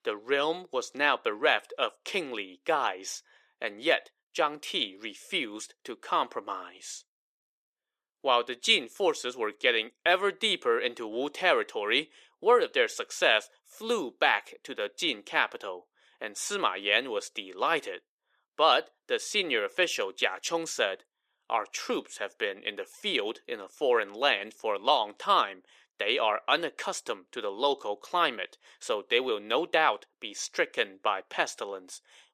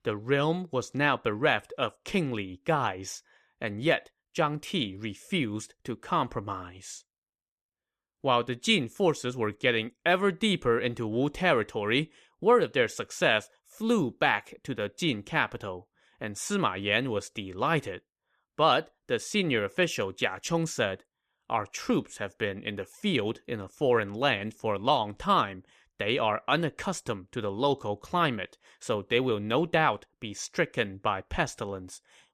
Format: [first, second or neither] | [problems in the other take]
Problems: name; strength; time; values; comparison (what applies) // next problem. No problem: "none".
second | thin; somewhat; fading below 350 Hz